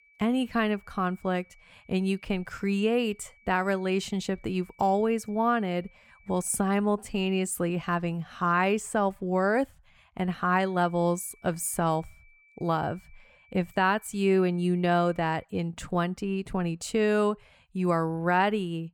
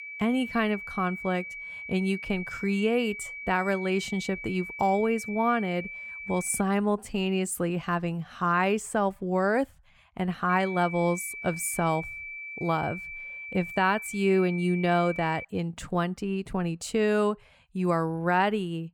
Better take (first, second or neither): first